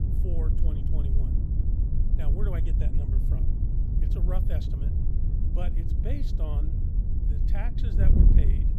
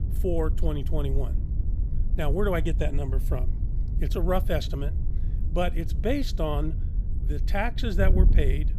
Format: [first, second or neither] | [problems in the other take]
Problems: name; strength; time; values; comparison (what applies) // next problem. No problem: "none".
second | wind noise on the microphone; heavy; 1 dB above the speech; occasional gusts in the second